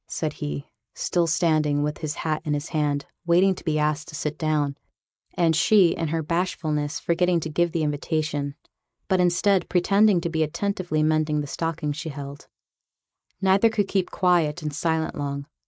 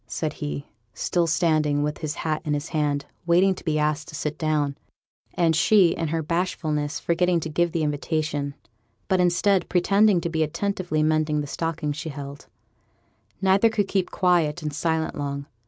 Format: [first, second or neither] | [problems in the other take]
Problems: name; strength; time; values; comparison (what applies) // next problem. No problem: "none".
second | noise reduction (neural mask model Resemble Enhance denoiser)